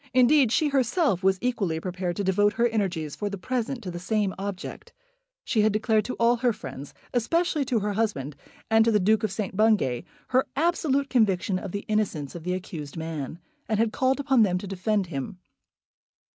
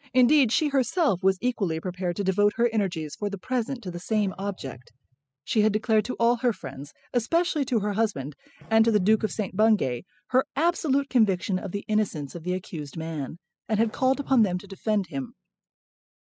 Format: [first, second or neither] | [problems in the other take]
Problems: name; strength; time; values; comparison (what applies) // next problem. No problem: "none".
first | noise reduction (classical method spectral subtraction)